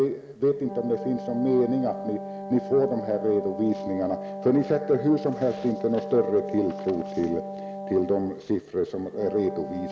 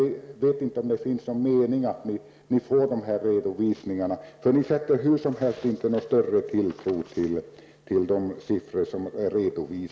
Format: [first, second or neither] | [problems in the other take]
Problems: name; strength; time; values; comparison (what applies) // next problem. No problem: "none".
second | background sound (Wind instrument, woodwind instrument); 10 dB below the speech